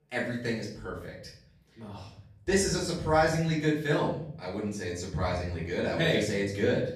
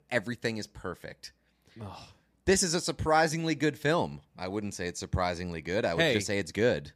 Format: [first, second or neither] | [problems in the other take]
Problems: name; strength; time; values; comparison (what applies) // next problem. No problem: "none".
second | off-mic speech; far // room echo; noticeable; dies away in 0.8 s